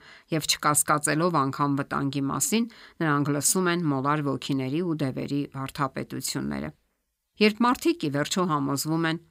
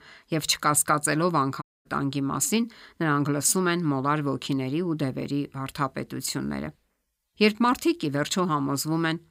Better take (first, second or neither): first